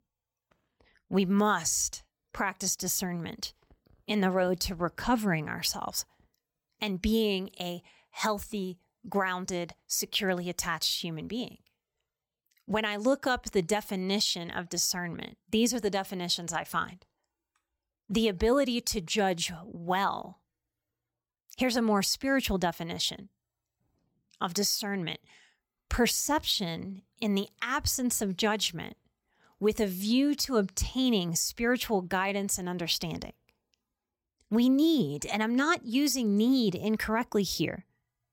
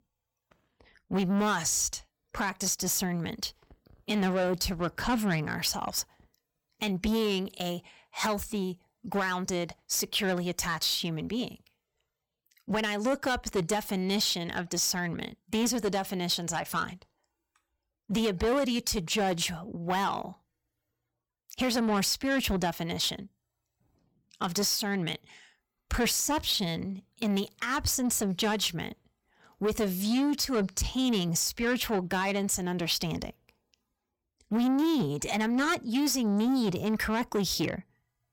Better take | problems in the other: first | distortion; slight; 10 dB below the speech

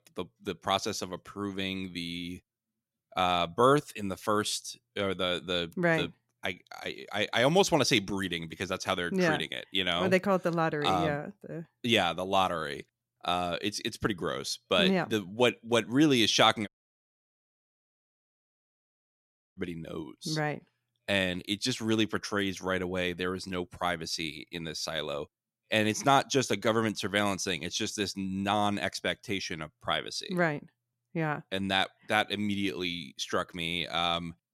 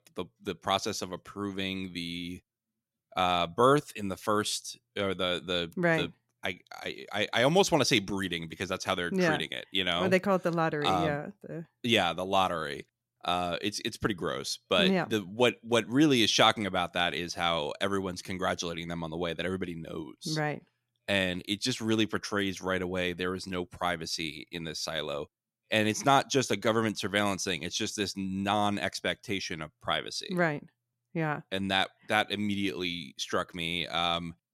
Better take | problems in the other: second | audio cutting out; at 17 s for 3 s

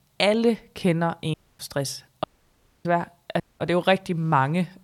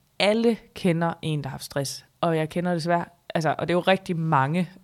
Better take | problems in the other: second | audio cutting out; at 1.5 s, at 2 s for 0.5 s and at 3.5 s

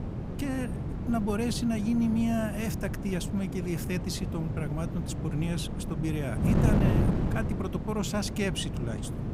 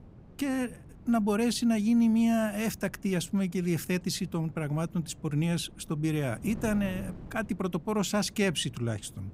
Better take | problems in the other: second | wind noise on the microphone; heavy; 4 dB below the speech; occasional gusts in the second

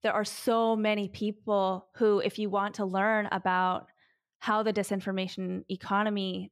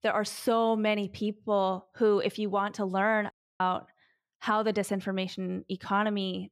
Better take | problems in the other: first | audio cutting out; at 3.5 s

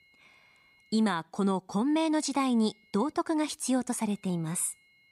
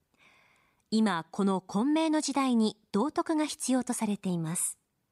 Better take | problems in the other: second | high-pitched whine; faint; until 1 s, from 2 to 3 s and from 4 s on; 2 kHz, 35 dB below the speech

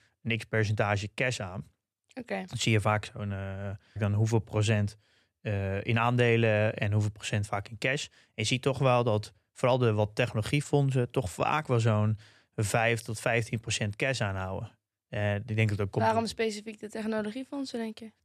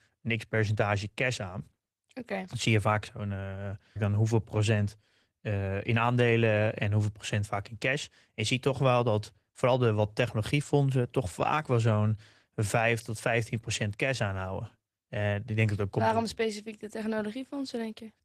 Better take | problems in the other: first | garbled, watery; slightly; nothing above 14 kHz

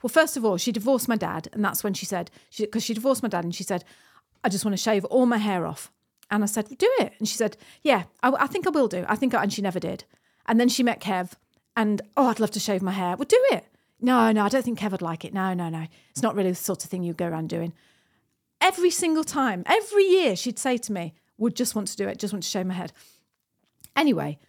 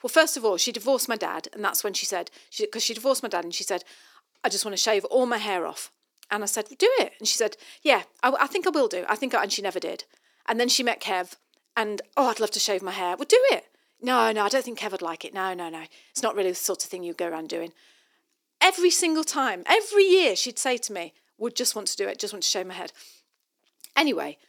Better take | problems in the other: first | thin; somewhat; fading below 350 Hz

